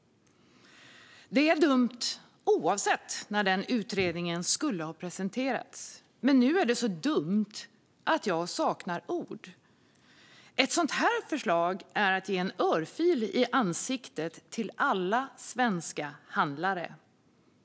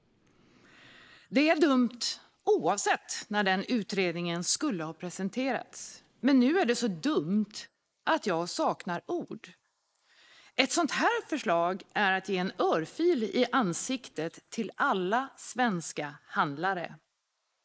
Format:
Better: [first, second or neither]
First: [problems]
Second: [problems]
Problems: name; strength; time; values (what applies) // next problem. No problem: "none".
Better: first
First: none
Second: noise reduction (neural mask model Resemble Enhance denoiser)